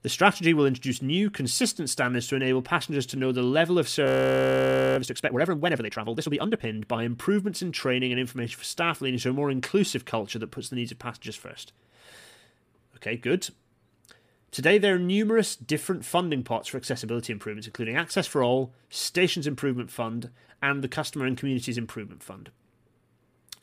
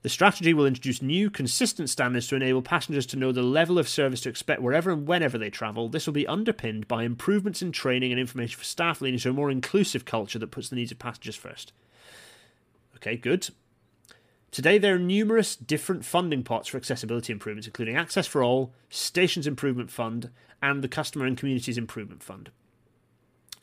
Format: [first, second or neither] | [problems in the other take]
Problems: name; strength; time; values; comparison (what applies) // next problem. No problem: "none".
second | audio freezing; at 4 s for 1 s